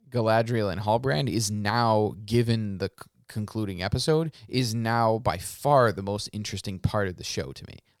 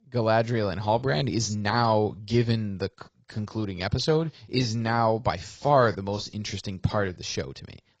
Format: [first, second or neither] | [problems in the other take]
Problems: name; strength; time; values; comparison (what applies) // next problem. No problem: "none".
first | garbled, watery; badly